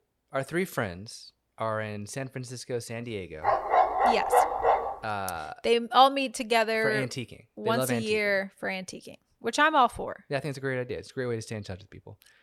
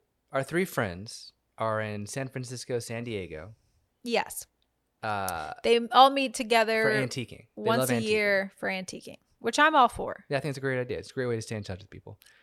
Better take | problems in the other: second | dog barking; loud; from 3.5 to 5 s; peak 5 dB above the speech

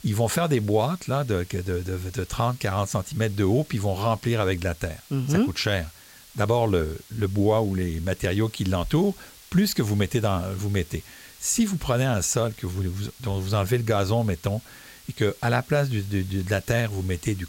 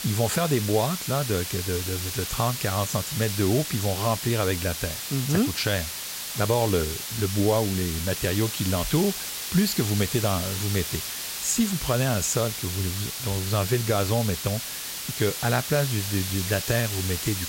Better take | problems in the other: first | hiss; loud; throughout; 4 dB below the speech; faint in the first

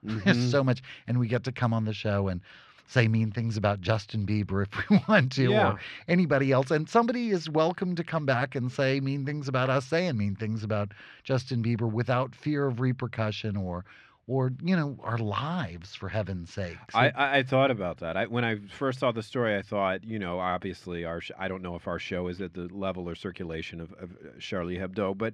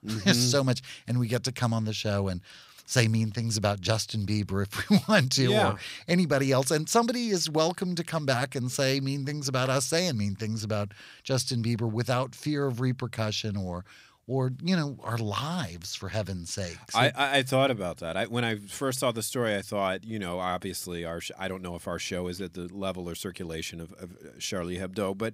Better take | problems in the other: second | muffled; slightly; fading above 2.5 kHz

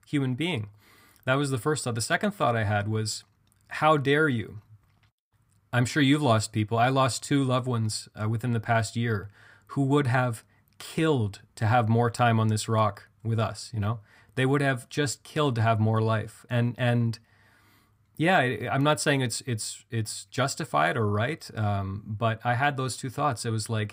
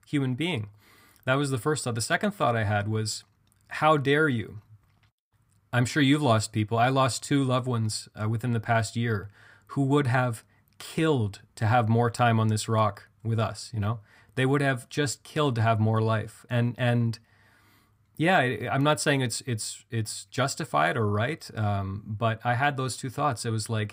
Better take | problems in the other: neither | none

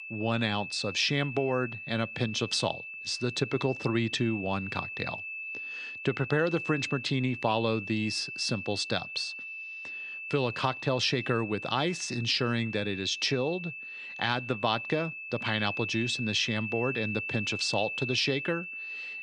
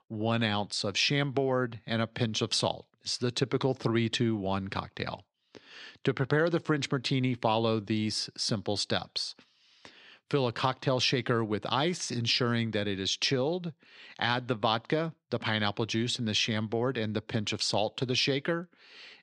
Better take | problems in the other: second | high-pitched whine; loud; throughout; 2.5 kHz, 7 dB below the speech

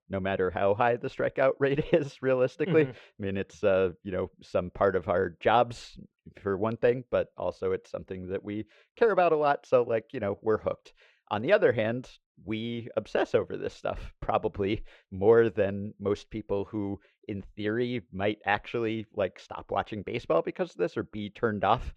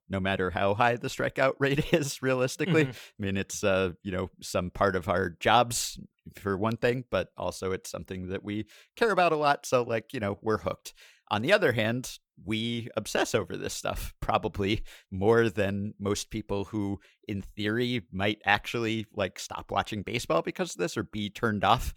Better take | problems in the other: second | muffled; very; fading above 3 kHz

